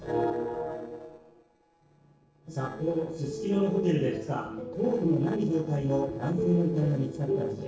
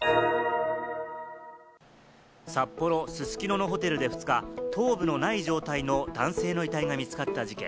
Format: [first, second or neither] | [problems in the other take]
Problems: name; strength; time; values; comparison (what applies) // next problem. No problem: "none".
second | noise reduction (neural separator model SepFormer DNS4)